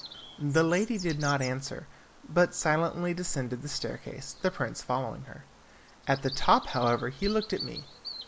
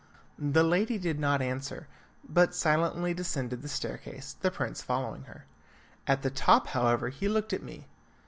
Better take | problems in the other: second | background sound (Bird vocalization, bird call, bird song); 16 dB below the speech

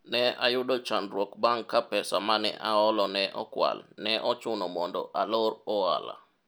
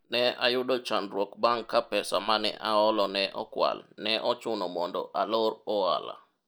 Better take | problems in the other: first | noise reduction (neural mask model DeepFilterNet 3)

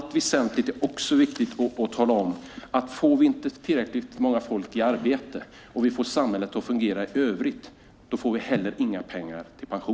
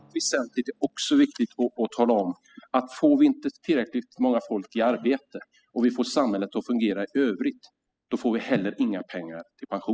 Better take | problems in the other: first | noise reduction (classical method spectral subtraction)

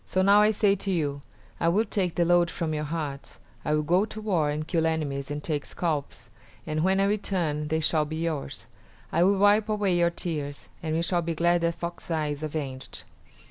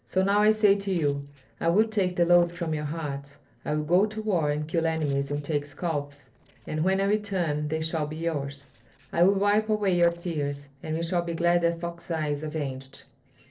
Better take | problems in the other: first | noise reduction (neural separator model SepFormer DNS4)

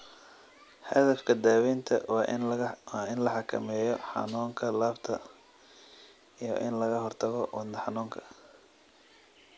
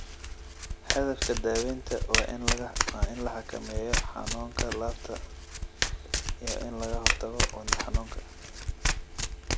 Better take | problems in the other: first | background sound (Domestic sounds, home sounds); 5 dB above the speech

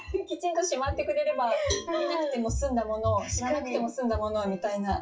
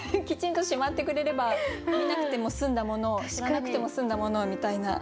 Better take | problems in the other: second | noise reduction (classical method WPE with log-MMSE)

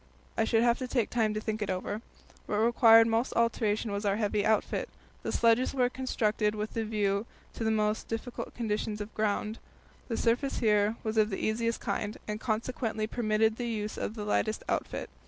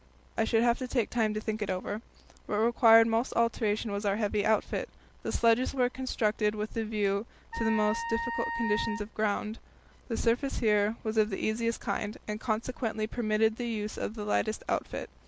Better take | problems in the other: first | background sound (Wind instrument, woodwind instrument); 6 dB below the speech

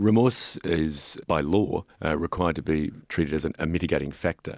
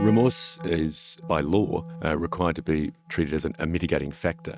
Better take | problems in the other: first | noise reduction (neural mask model RNNoise)

